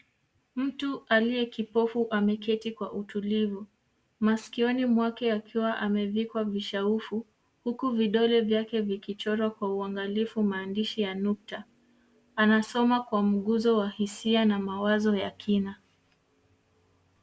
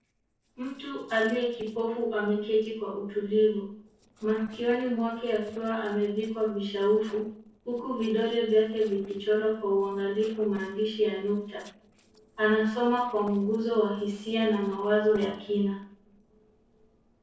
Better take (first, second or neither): first